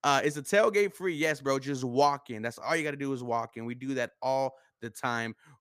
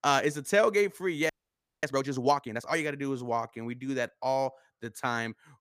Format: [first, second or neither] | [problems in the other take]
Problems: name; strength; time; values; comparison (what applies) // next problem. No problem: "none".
first | audio freezing; at 1.5 s for 0.5 s